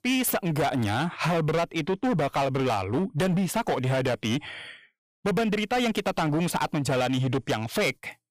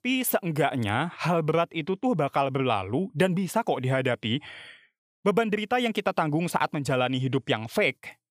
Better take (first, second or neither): second